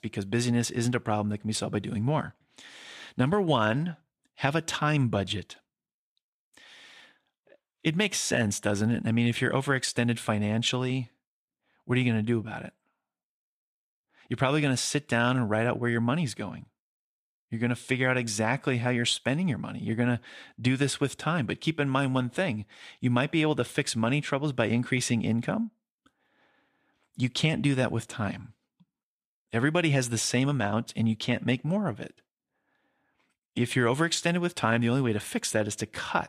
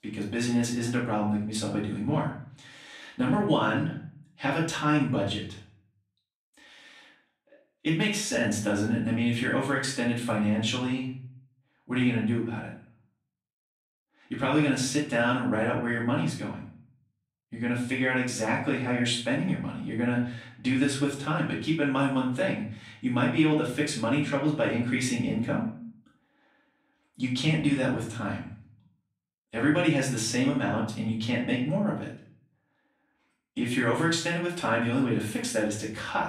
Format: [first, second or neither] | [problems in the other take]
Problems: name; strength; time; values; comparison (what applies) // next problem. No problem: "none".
first | room echo; slight; dies away in 0.4 s // off-mic speech; far